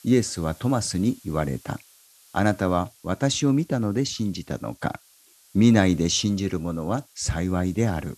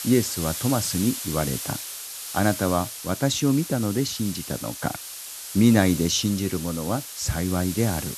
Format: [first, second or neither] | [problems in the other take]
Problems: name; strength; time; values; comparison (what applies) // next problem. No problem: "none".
first | hiss; loud; throughout; 8 dB below the speech; faint in the first